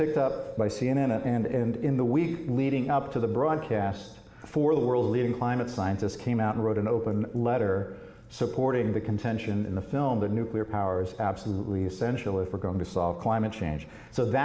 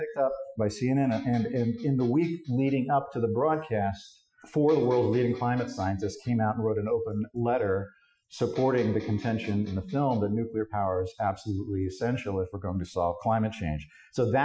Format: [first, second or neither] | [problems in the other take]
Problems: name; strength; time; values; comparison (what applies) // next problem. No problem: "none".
first | noise reduction (classical method Wiener filter)